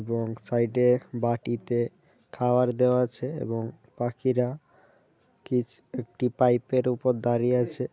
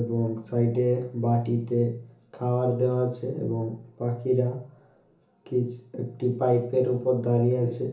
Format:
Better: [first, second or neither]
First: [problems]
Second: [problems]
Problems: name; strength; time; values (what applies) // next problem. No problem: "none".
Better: first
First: none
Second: room echo; dies away in 0.8 s